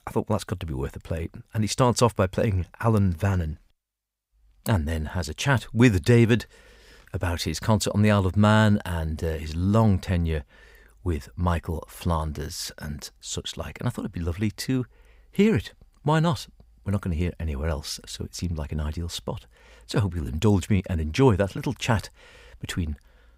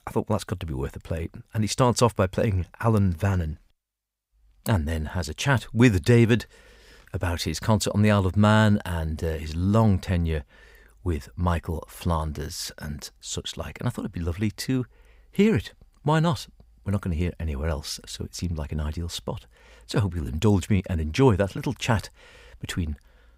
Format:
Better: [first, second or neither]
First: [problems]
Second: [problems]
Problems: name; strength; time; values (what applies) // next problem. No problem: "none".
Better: neither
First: none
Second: none